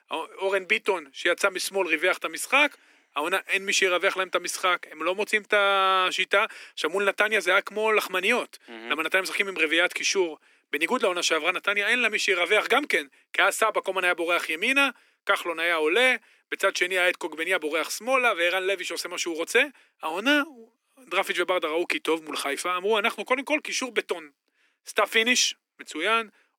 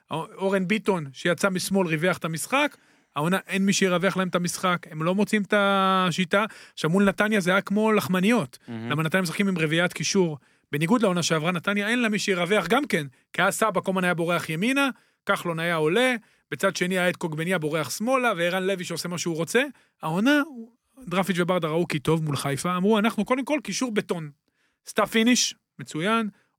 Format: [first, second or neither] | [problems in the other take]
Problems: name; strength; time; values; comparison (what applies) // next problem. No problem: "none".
second | thin; somewhat; fading below 300 Hz